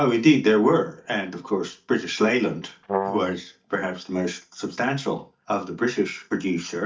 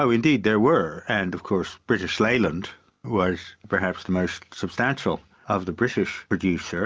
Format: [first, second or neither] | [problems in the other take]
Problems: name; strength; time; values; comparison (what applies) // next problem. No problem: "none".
second | noise reduction (neural mask model DeepFilterNet 3)